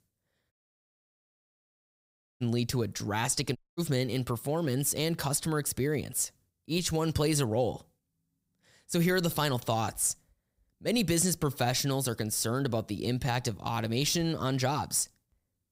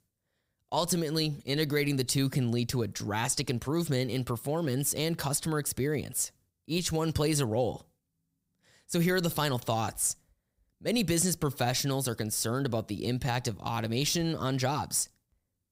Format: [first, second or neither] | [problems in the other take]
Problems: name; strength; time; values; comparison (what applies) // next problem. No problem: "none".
second | audio cutting out; at 0.5 s for 2 s and at 3.5 s